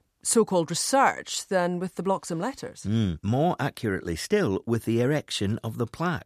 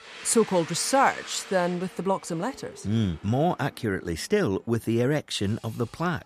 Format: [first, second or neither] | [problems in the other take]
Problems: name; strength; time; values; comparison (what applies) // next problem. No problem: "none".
first | household noises; noticeable; throughout; 15 dB below the speech